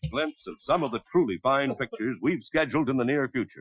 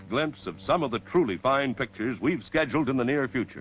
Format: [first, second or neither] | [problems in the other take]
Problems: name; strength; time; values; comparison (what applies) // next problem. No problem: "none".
second | noise reduction (classical method Wiener filter)